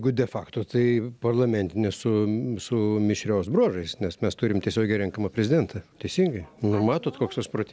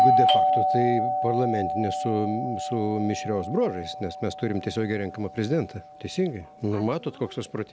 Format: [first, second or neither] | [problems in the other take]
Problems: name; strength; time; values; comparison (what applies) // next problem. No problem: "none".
first | background sound (Doorbell); 1 dB above the speech